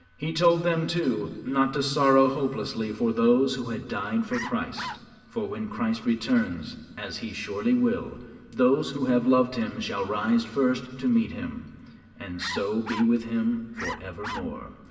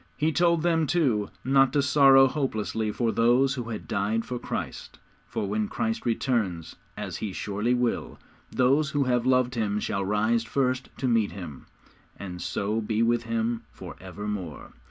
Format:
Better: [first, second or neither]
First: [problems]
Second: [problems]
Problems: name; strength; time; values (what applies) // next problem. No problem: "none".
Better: second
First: background sound (Bark); 12 dB below the speech // room echo; dies away in 2.6 s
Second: none